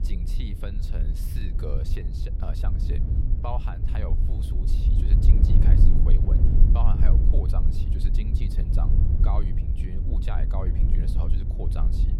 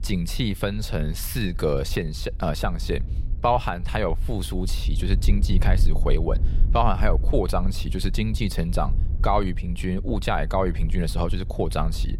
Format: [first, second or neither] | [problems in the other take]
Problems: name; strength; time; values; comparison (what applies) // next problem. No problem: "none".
second | wind noise on the microphone; heavy; as loud as the speech; occasional gusts in the second